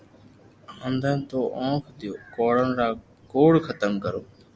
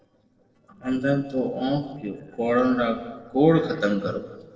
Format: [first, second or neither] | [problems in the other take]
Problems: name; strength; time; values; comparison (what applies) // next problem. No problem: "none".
first | noise reduction (neural separator model SepFormer DNS4)